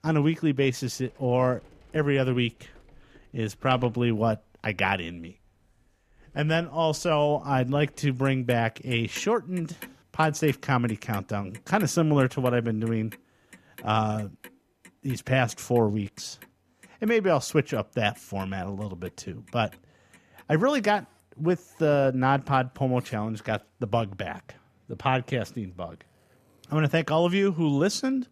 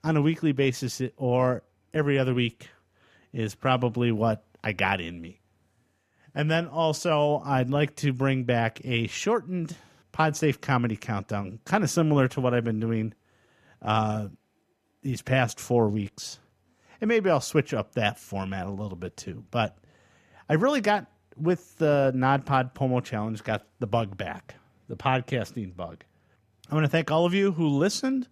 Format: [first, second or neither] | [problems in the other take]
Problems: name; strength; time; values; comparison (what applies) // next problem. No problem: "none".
second | household noises; faint; throughout; 25 dB below the speech